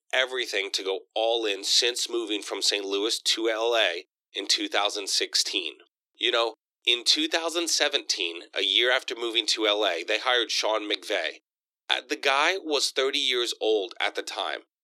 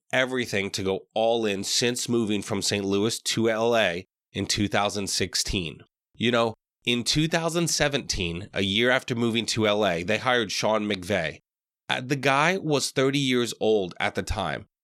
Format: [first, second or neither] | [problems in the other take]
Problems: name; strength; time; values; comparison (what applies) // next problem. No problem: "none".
second | thin; very; fading below 300 Hz